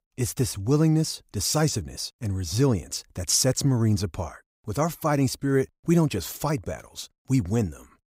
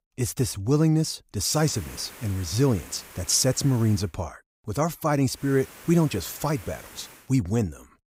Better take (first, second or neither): first